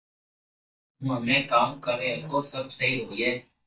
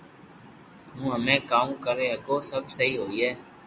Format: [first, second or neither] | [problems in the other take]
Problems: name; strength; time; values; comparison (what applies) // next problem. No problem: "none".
second | noise reduction (neural mask model DeepFilterNet 3)